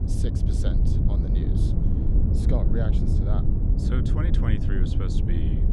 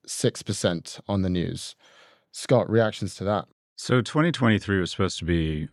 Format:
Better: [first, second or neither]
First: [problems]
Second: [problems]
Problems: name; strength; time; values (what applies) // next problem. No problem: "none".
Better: second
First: wind noise on the microphone; heavy; 2 dB above the speech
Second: none